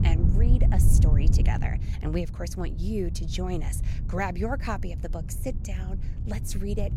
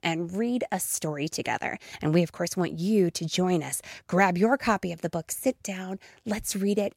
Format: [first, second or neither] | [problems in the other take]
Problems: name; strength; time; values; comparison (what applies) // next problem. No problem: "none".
second | wind noise on the microphone; heavy; 7 dB below the speech